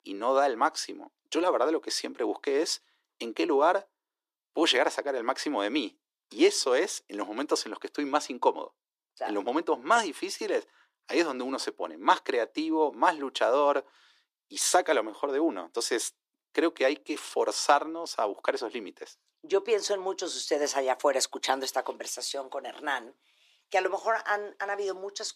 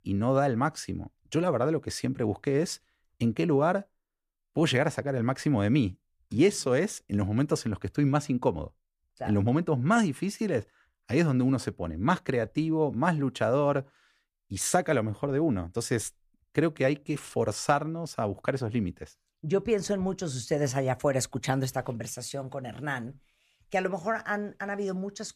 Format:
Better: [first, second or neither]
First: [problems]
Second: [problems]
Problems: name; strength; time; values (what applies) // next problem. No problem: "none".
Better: second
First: thin; very; fading below 350 Hz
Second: none